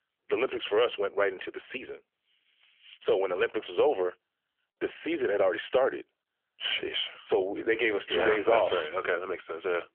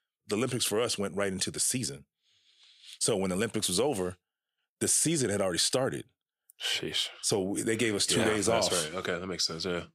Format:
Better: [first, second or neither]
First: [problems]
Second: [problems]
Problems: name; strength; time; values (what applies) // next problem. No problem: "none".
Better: second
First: phone-call audio; nothing above 3.5 kHz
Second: none